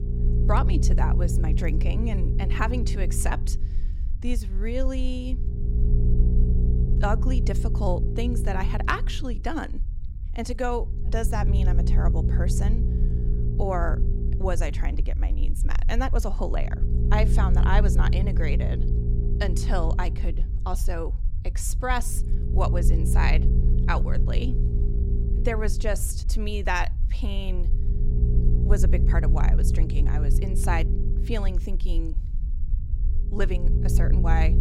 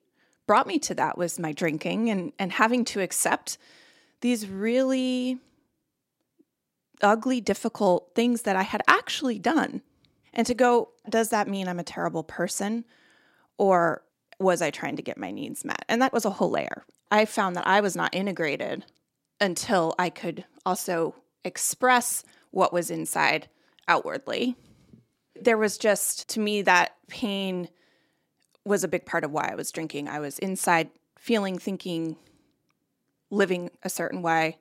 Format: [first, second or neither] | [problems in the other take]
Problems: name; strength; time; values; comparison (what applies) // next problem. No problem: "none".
second | low rumble; loud; throughout; 8 dB below the speech